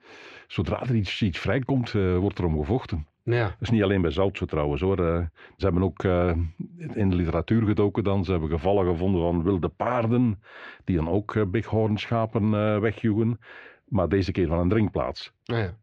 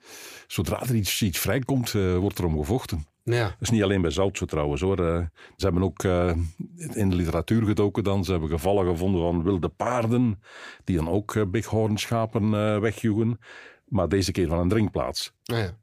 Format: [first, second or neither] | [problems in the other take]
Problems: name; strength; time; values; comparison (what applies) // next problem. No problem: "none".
second | muffled; slightly; fading above 3 kHz